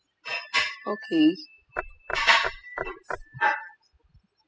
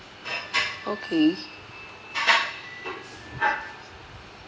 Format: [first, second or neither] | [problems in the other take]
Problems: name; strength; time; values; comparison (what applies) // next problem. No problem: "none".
second | noise reduction (classical method spectral subtraction)